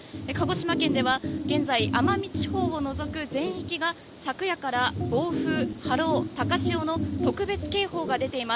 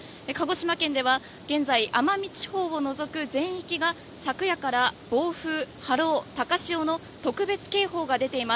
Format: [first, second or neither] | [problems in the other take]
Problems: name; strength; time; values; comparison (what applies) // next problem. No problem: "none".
second | background sound (Organ); 1 dB below the speech